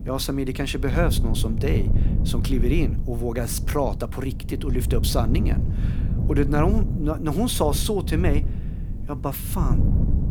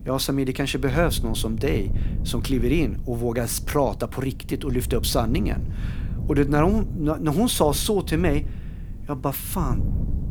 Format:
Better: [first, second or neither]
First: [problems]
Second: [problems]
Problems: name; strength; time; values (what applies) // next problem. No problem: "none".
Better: second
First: wind noise on the microphone; heavy; 10 dB below the speech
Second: wind noise on the microphone; occasional gusts; 15 dB below the speech